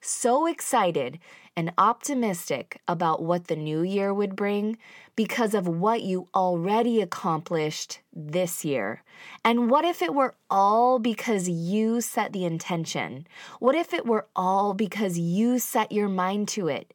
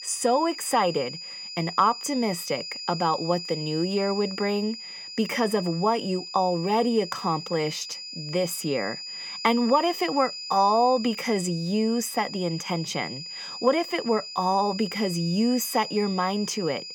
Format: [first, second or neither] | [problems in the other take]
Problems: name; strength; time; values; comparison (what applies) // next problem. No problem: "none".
first | high-pitched whine; loud; throughout; 5 kHz, 9 dB below the speech